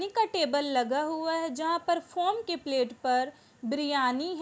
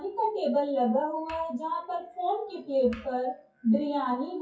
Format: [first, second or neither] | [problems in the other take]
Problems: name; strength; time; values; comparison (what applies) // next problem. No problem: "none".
first | noise reduction (classical method WPE with log-MMSE)